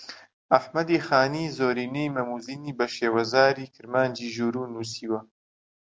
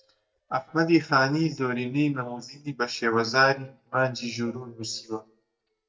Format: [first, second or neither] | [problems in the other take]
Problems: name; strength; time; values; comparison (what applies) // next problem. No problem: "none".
first | noise reduction (neural mask model DeepFilterNet 3)